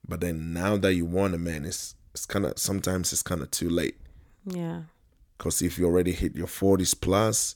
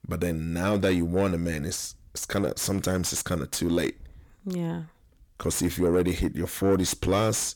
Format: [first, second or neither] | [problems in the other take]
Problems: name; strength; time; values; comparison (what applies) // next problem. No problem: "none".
first | distortion; slight; 10 dB below the speech